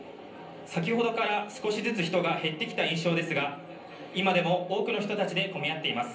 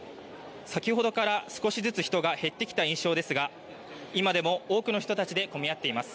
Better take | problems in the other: second | room echo; dies away in 0.6 s

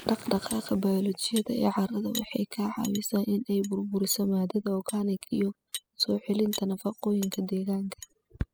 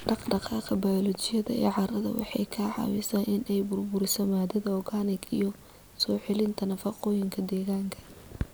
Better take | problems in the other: second | noise reduction (classical method spectral subtraction)

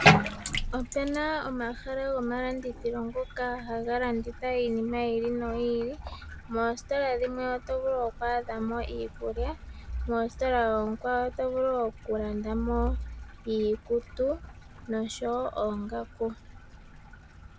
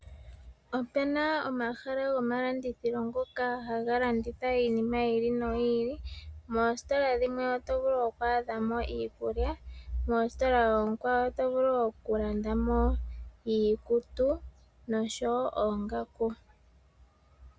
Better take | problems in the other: second | background sound (Bathtub (filling or washing)); 5 dB below the speech

